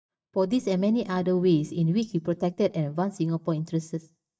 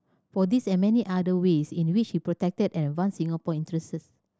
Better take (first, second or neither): second